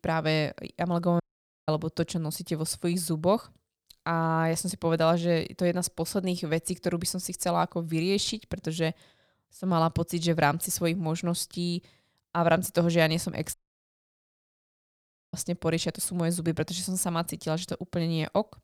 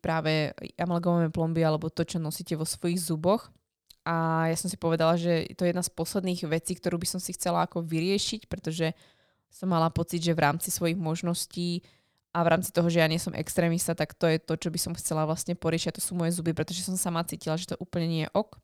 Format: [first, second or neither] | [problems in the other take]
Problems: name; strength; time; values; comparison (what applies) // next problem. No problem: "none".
second | audio cutting out; at 1 s and at 14 s for 2 s